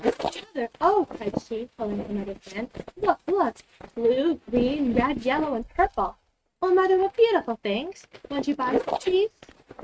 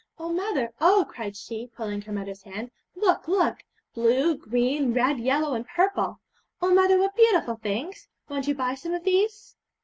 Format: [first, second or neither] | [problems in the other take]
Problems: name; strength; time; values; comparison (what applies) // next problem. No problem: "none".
second | noise reduction (neural mask model RNNoise)